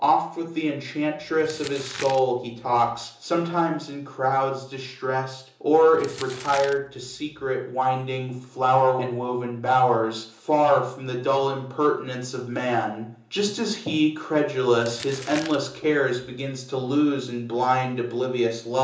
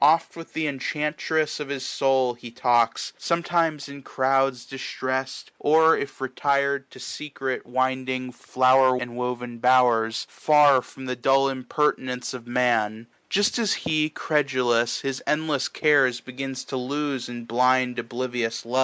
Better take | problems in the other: second | background sound (Crumpling, crinkling); 17 dB below the speech // room echo; dies away in 0.6 s

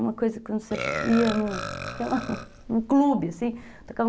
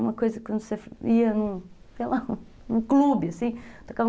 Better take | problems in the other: second | background sound (Burping, eructation); 10 dB below the speech

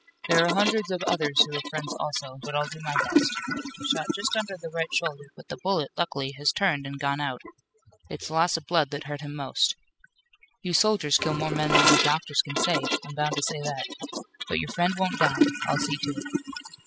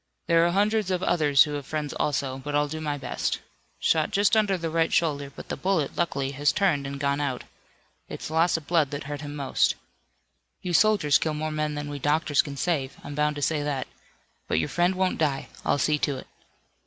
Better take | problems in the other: second | noise reduction (classical method spectral subtraction)

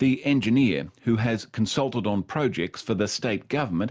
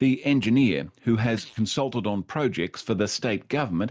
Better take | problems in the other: first | noise reduction (neural mask model DeepFilterNet 3)

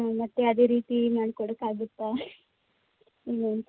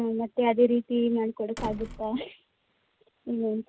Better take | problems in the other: first | background sound (Slam); 16 dB below the speech

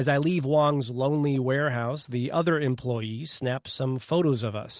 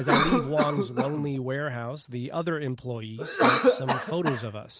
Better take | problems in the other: first | background sound (Cough); 2 dB above the speech

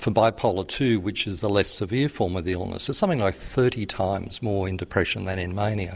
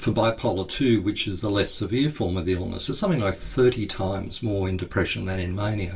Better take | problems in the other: first | room echo; dies away in 0.2 s

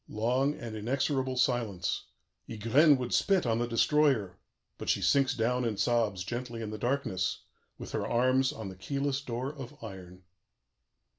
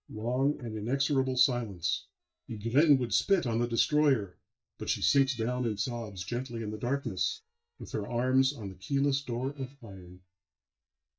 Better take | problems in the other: first | noise reduction (neural mask model DeepFilterNet 3)

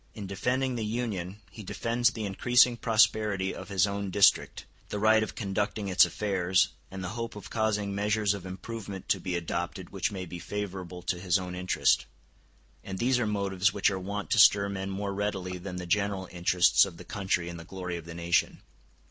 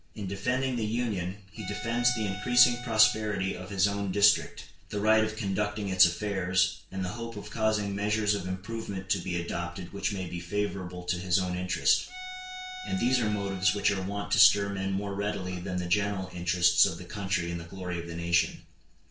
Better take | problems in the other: first | background sound (Bowed string instrument); 14 dB below the speech // room echo; dies away in 0.4 s

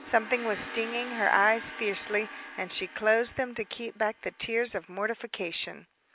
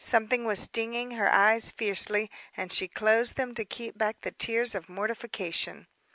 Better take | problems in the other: second | background sound (Gong); 14 dB below the speech

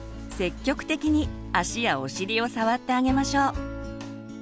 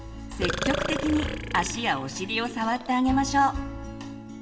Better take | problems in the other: first | background sound (Burping, eructation); 7 dB below the speech // room echo; dies away in 1.9 s

